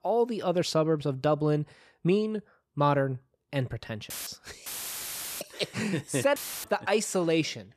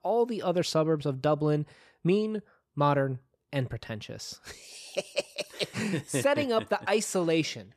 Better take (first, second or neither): second